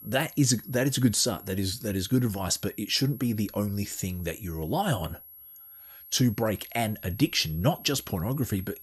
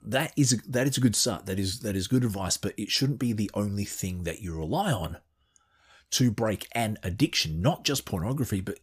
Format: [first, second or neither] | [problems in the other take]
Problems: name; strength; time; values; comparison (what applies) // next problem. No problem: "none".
second | high-pitched whine; noticeable; throughout; 11.5 kHz, 15 dB below the speech